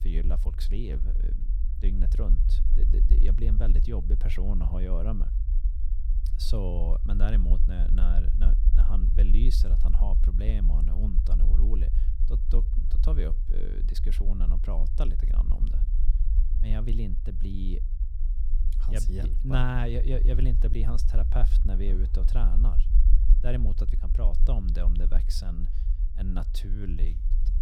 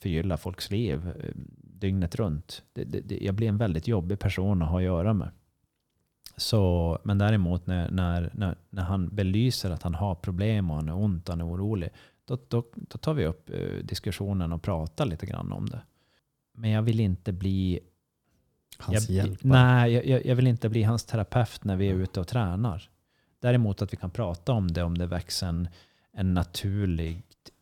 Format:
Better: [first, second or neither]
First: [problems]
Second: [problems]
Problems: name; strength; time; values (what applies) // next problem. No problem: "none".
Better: second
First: low rumble; loud; throughout; 9 dB below the speech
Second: none